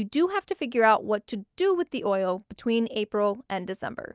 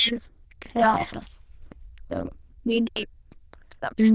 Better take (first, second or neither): first